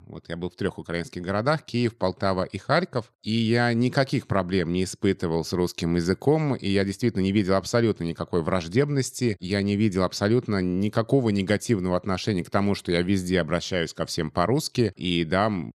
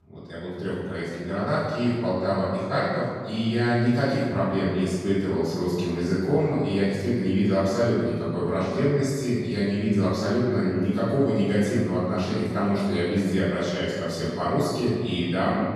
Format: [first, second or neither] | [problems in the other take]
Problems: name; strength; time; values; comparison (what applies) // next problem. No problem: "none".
first | off-mic speech; far // room echo; strong; dies away in 1.7 s